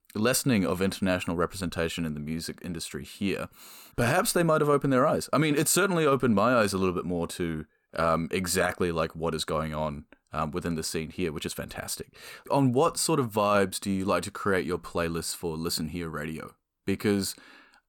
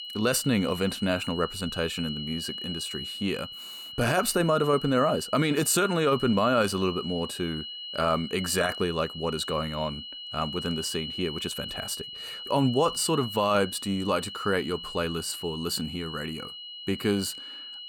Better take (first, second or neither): first